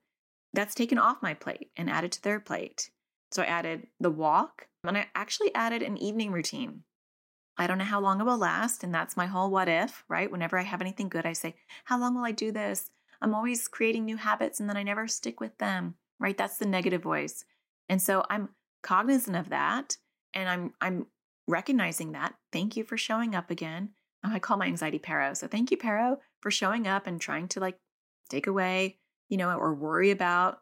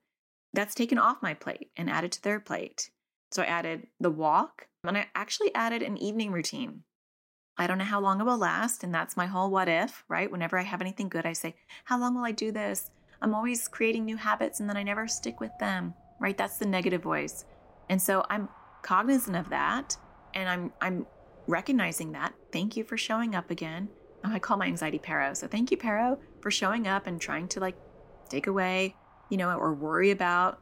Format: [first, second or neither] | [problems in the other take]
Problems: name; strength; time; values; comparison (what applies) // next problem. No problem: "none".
first | wind in the background; faint; from 12 s on; 25 dB below the speech